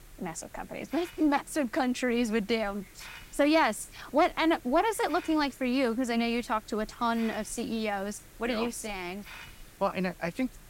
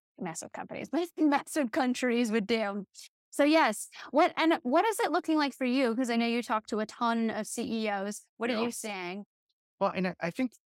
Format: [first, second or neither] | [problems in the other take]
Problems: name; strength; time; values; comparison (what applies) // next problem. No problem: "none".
second | hiss; faint; throughout; 20 dB below the speech